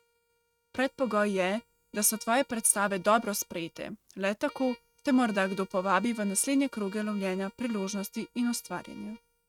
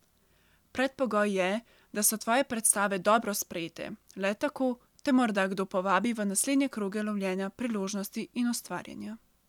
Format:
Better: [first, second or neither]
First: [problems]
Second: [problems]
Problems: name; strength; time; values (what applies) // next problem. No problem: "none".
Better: second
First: noise reduction (neural mask model RNNoise)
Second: none